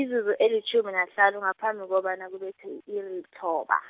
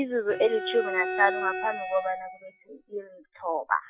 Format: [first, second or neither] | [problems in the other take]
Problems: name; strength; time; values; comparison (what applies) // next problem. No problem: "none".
first | noise reduction (classical method Wiener filter)